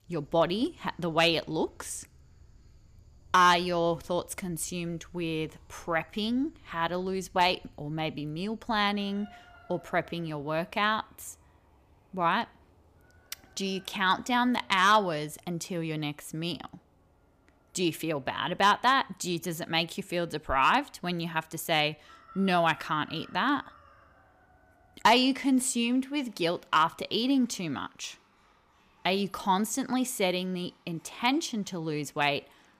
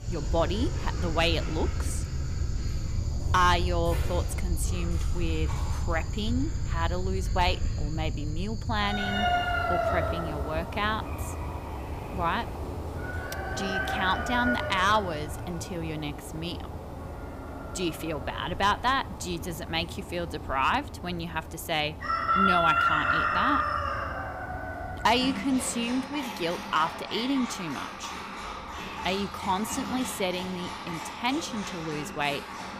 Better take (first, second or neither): first